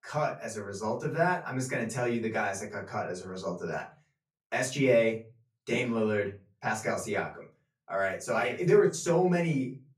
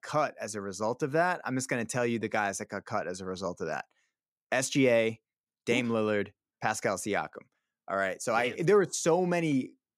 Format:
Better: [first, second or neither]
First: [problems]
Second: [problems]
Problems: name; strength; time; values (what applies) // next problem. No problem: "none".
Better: second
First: off-mic speech; far // room echo; very slight; dies away in 0.3 s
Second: none